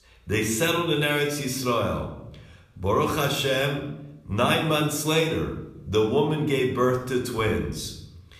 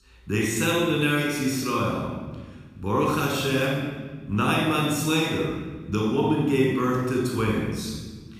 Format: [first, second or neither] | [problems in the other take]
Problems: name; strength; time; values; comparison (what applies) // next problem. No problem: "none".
first | room echo; strong; dies away in 1.4 s; slight in the first // off-mic speech; far